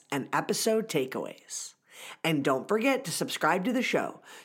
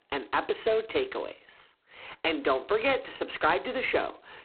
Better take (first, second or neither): first